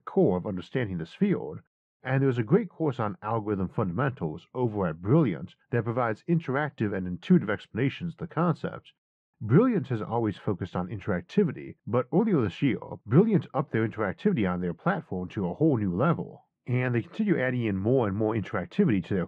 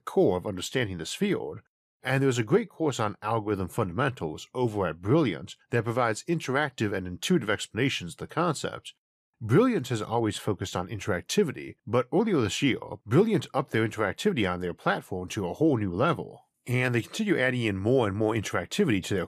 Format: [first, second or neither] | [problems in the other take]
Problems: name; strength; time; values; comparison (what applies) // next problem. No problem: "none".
second | muffled; very; fading above 2 kHz